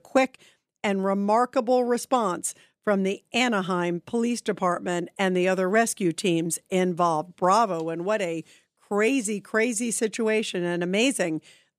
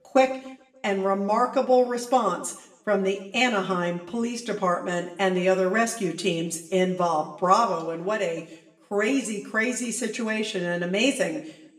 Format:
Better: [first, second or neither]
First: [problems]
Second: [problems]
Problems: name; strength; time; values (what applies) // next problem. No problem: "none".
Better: first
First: none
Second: room echo; slight; dies away in 0.6 s // off-mic speech; far